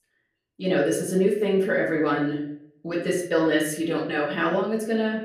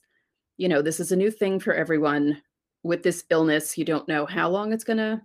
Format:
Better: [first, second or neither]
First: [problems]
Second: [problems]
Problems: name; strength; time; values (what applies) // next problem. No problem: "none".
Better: second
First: room echo; slight; dies away in 0.5 s // off-mic speech; far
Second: none